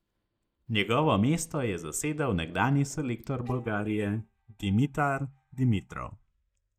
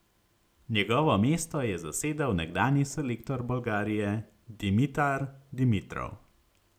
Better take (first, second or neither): second